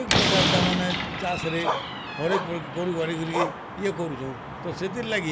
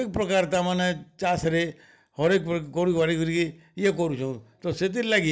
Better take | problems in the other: second | background sound (Bark + Slam); 1 dB above the speech

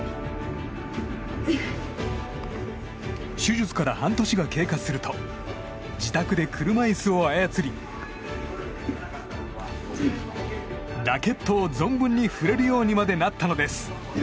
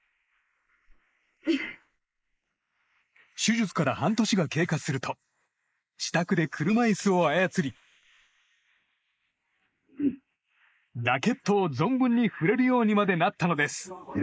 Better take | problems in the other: first | noise reduction (neural mask model Resemble Enhance denoiser)

